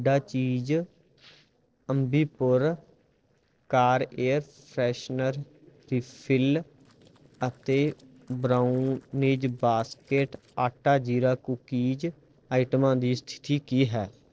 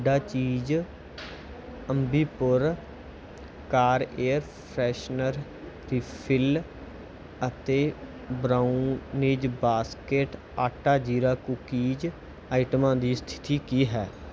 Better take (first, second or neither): second